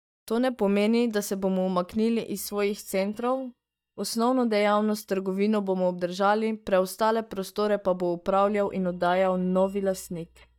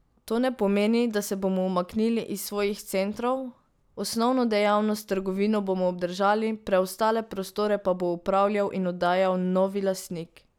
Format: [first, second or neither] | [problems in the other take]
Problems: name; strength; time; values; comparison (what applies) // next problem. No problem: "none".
second | noise reduction (neural mask model DeepFilterNet 3)